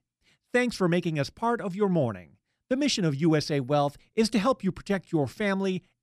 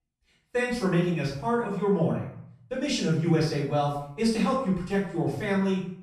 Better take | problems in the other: first | room echo; noticeable; dies away in 0.6 s // off-mic speech; far

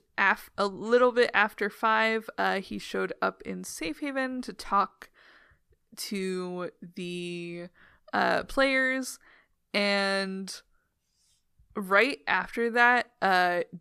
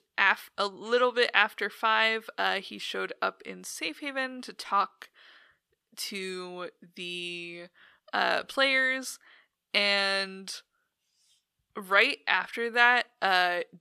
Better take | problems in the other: first | thin; very slightly; fading below 500 Hz

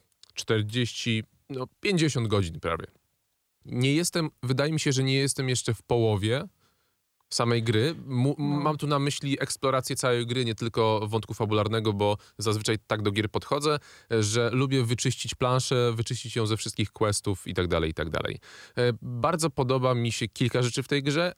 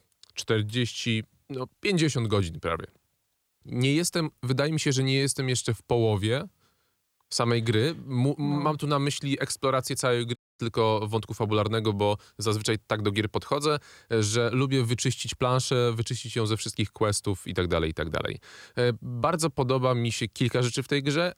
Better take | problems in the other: first | audio cutting out; at 10 s

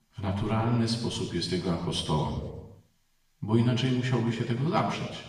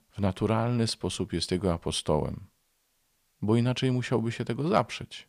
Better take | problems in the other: second | room echo; noticeable; dies away in 1 s // off-mic speech; far

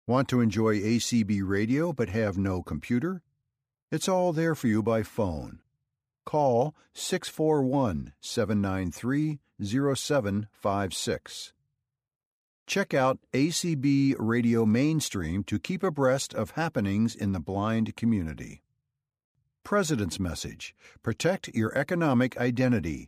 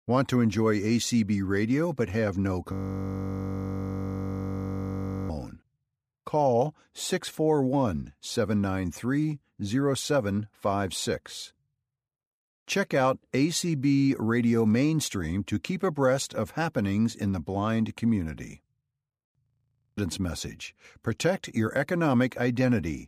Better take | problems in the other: first | audio freezing; at 2.5 s for 2.5 s and at 19 s for 0.5 s

